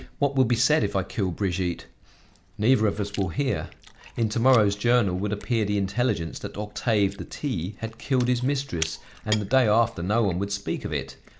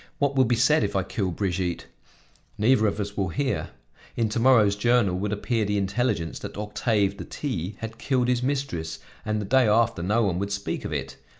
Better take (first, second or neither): second